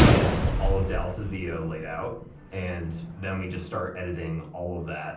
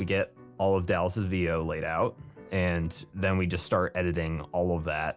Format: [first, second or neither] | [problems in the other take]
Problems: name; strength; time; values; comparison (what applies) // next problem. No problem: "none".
second | background sound (Gunshot, gunfire); 5 dB above the speech // room echo; dies away in 0.6 s